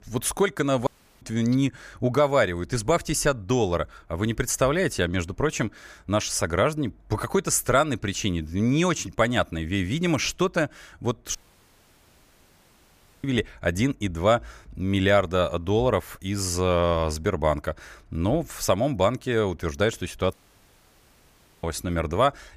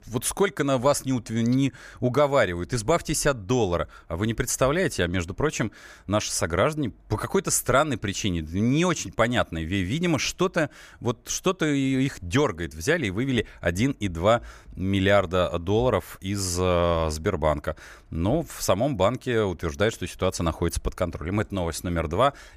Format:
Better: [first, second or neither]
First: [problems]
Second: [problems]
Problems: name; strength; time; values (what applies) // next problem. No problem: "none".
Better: second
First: audio cutting out; at 1 s, at 11 s for 2 s and at 20 s for 1.5 s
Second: none